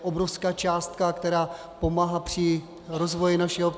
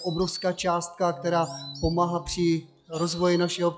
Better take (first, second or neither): first